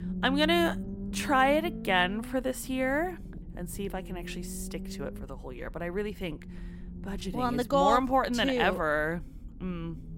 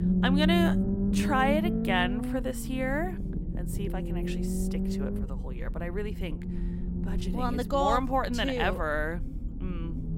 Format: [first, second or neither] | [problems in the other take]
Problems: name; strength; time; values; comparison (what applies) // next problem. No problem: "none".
first | low rumble; loud; throughout; 10 dB below the speech; faint in the first